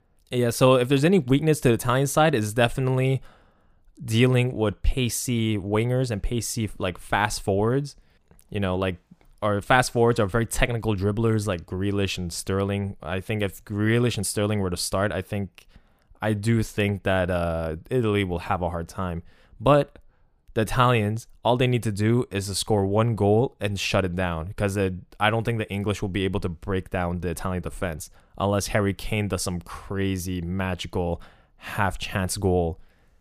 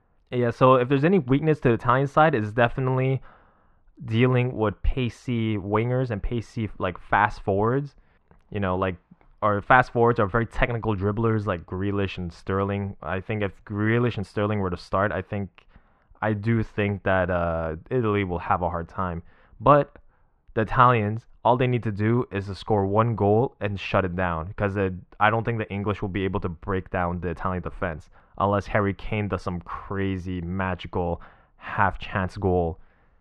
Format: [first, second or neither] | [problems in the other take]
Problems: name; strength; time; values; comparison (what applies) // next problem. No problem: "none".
first | muffled; very; fading above 2 kHz